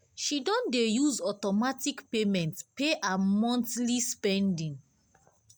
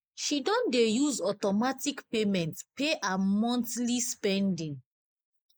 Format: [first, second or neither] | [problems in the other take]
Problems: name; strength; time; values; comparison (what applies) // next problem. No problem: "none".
first | noise reduction (neural mask model Resemble Enhance denoiser)